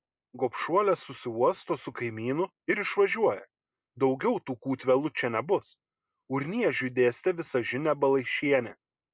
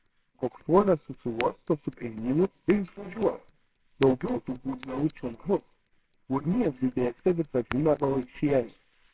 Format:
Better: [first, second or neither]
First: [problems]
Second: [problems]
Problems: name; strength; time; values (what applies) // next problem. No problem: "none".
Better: first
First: none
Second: noise reduction (neural separator model SepFormer WHAMR!)